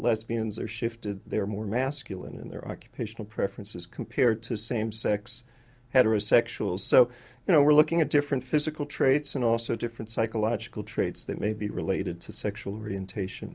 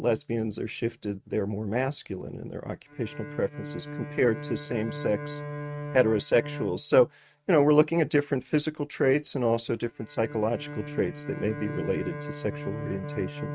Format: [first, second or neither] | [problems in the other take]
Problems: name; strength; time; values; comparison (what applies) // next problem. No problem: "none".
first | noise reduction (neural mask model RNNoise)